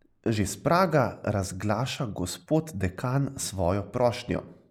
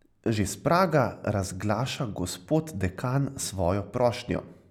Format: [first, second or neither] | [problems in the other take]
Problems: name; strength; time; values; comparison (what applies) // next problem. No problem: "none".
second | noise reduction (neural mask model Resemble Enhance denoiser)